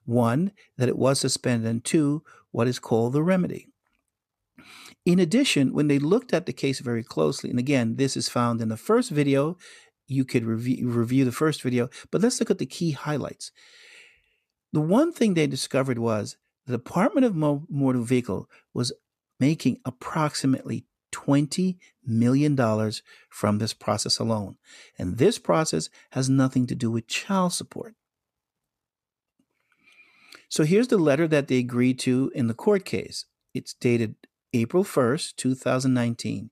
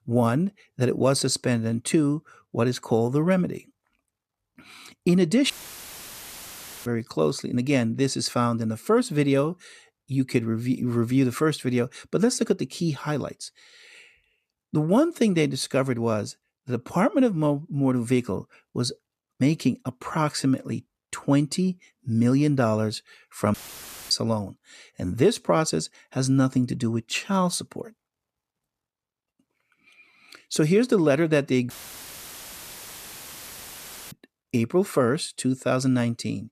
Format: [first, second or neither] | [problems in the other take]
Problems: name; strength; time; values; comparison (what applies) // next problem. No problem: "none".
first | audio cutting out; filled with static; at 5.5 s for 1.5 s, at 24 s for 0.5 s and at 32 s for 2.5 s